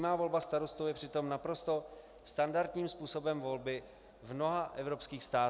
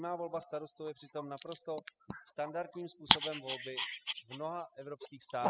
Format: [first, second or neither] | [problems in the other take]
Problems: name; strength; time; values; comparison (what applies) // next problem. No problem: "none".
first | noise reduction (classical method spectral subtraction)